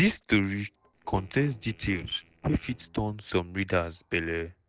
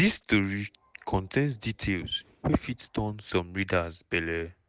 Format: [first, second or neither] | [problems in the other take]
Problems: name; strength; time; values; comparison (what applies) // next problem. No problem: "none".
second | noise reduction (neural separator model SepFormer DNS4)